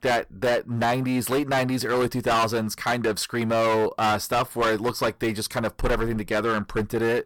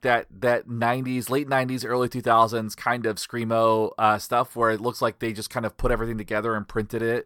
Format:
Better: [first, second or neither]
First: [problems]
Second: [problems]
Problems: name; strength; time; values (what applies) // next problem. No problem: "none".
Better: second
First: distortion; heavy; 18% of the sound clipped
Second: none